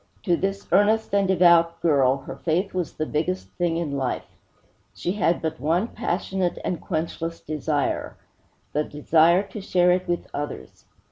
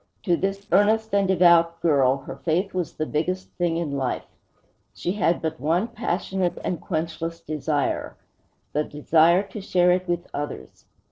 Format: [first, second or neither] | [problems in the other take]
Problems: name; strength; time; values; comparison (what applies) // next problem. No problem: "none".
first | noise reduction (neural separator model SepFormer DNS4)